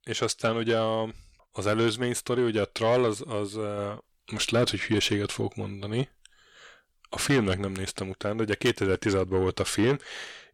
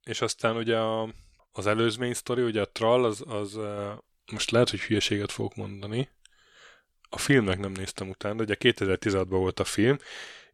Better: second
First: distortion; slight; 10 dB below the speech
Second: none

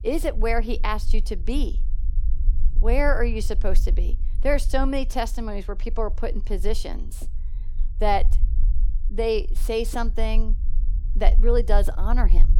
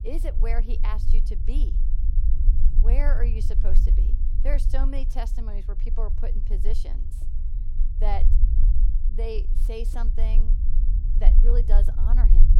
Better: first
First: low rumble; faint; throughout; 25 dB below the speech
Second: low rumble; loud; throughout; 9 dB below the speech

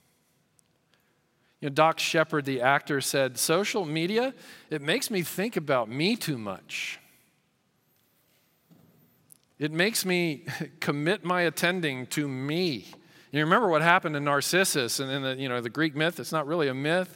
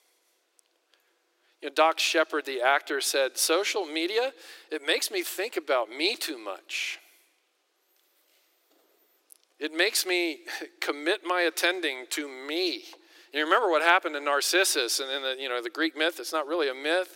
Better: first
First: none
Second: thin; very; fading below 300 Hz

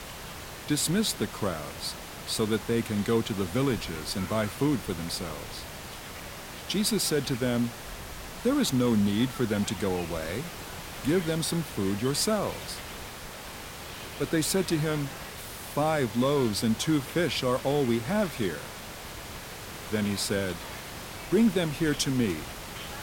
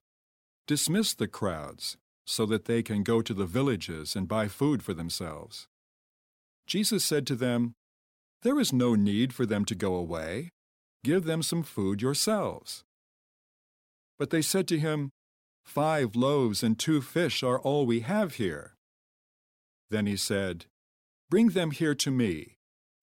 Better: second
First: hiss; noticeable; throughout; 10 dB below the speech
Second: none

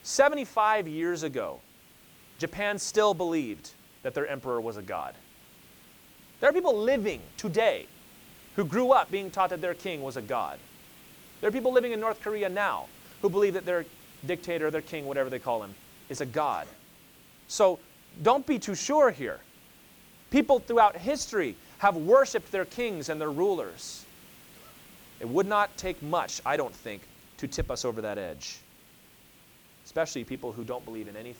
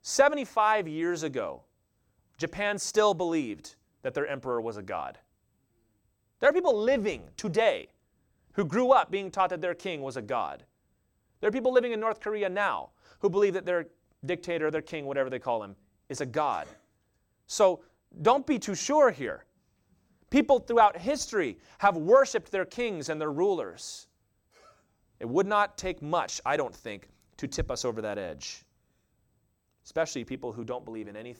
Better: second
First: hiss; faint; throughout; 25 dB below the speech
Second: none

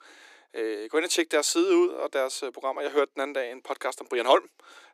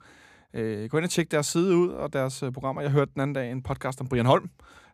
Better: second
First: thin; very; fading below 300 Hz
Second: none

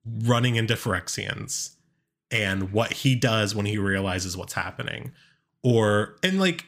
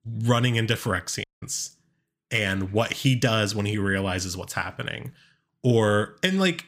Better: first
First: none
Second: audio cutting out; at 1 s

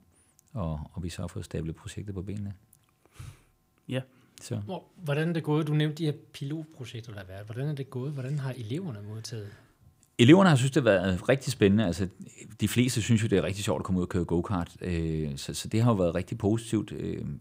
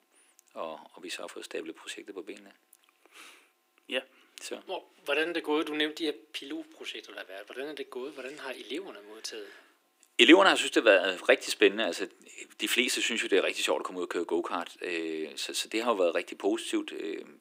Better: first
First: none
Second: thin; very; fading below 300 Hz

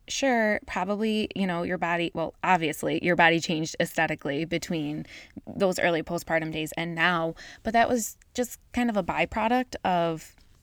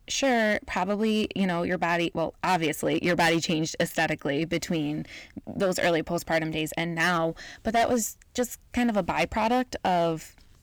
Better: first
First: none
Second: distortion; slight; 6% of the sound clipped

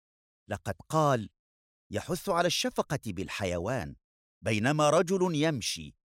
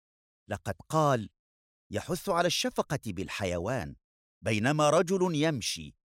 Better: neither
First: none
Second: none

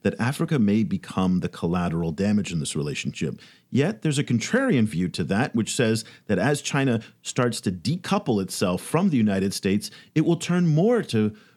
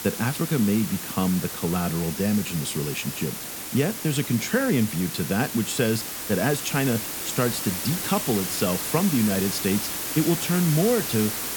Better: first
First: none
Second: hiss; loud; throughout; 4 dB below the speech

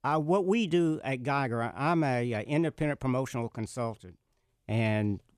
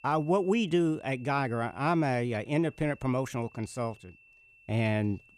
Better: first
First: none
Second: high-pitched whine; faint; throughout; 2.5 kHz, 25 dB below the speech

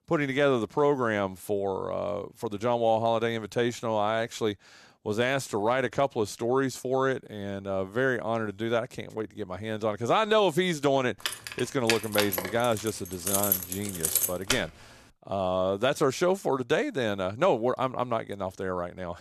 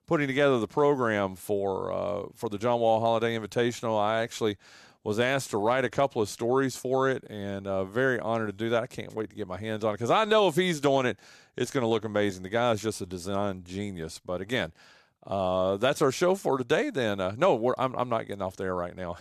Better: second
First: jangling keys; loud; from 11 to 15 s; peak 3 dB above the speech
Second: none

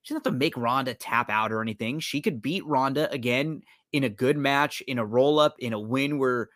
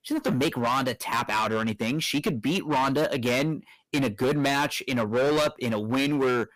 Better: first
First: none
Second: distortion; heavy; 17% of the sound clipped

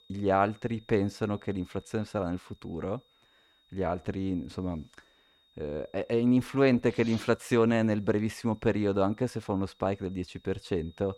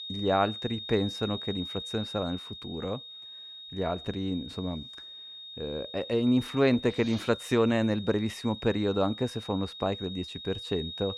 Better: first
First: high-pitched whine; faint; throughout; 3.5 kHz, 35 dB below the speech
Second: high-pitched whine; loud; throughout; 3.5 kHz, 10 dB below the speech

